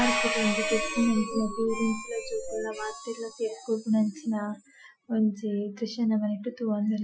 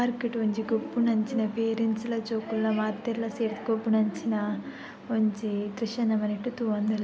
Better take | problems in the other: second | noise reduction (classical method Wiener filter)

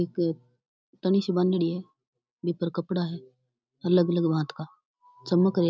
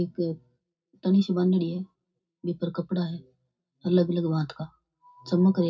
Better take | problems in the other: first | room echo; dies away in 0.4 s

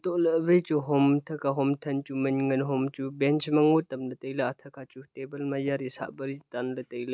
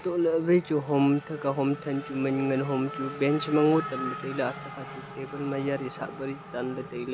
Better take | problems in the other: first | background sound (Race car, auto racing / Accelerating, revving, vroom); 12 dB below the speech

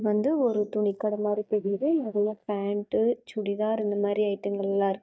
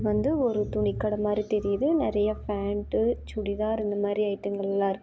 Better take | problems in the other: second | noise reduction (neural mask model DeepFilterNet 3)

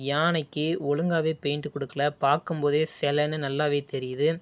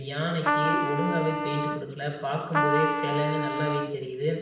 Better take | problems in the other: first | background sound (Trumpet); 1 dB above the speech // room echo; dies away in 0.7 s

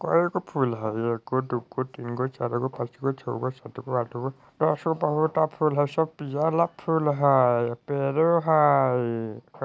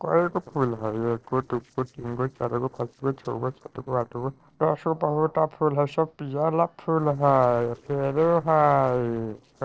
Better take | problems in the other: first | noise reduction (neural separator model SepFormer DNS4)

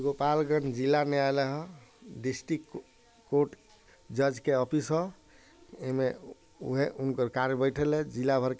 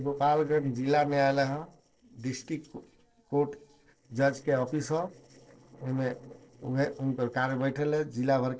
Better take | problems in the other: first | noise reduction (neural separator model SepFormer DNS4)

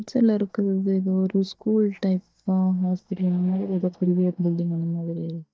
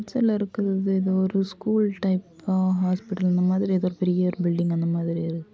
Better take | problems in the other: second | noise reduction (neural mask model DeepFilterNet 3)

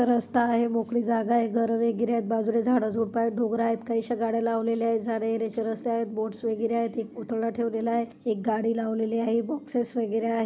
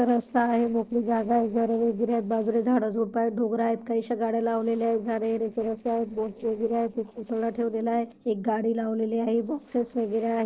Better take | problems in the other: first | noise reduction (neural separator model SepFormer DNS4)

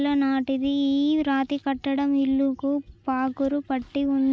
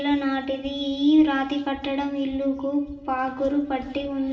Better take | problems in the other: first | room echo; dies away in 0.7 s

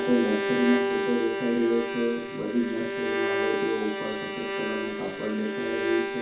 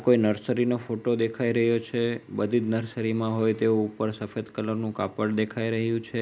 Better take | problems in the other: second | background sound (Bowed string instrument); 2 dB below the speech // room echo; dies away in 0.6 s

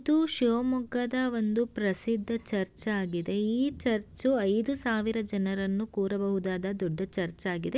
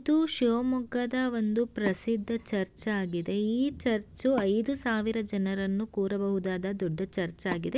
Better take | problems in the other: first | background sound (Wood); 19 dB below the speech

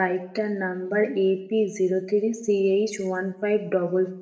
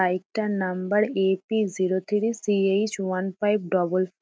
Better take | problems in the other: second | room echo; dies away in 0.7 s

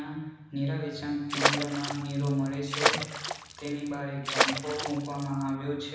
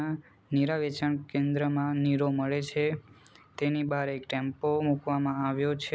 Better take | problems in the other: second | background sound (Water / Splash, splatter); 1 dB above the speech // room echo; dies away in 1.1 s

